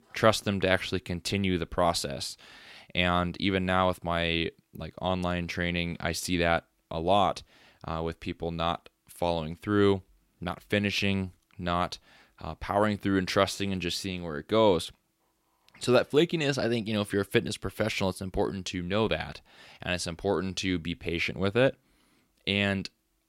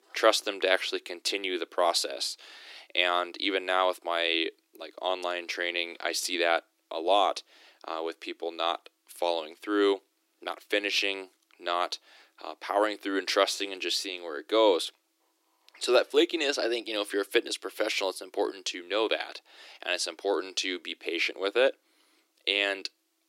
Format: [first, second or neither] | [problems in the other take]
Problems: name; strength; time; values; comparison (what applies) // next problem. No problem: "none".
first | thin; very; fading below 300 Hz